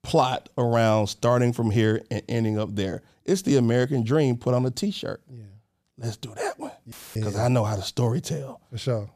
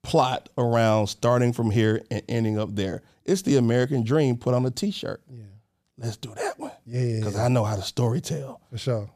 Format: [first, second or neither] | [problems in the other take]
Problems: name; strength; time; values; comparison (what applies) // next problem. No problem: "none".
second | audio cutting out; filled with static; at 7 s